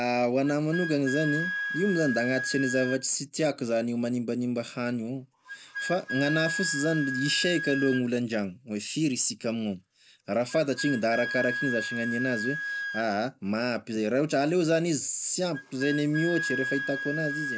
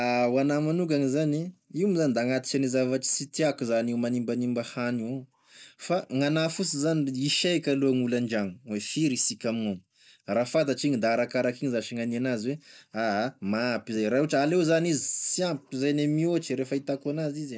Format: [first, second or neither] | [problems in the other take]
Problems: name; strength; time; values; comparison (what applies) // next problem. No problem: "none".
second | background sound (Wind instrument, woodwind instrument); 7 dB below the speech